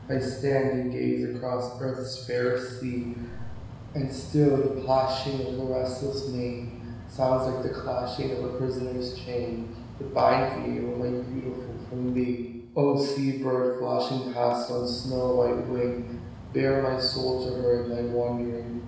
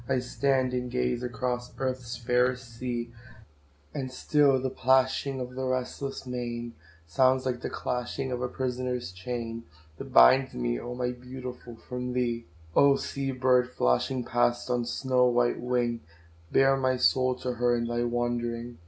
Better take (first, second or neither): second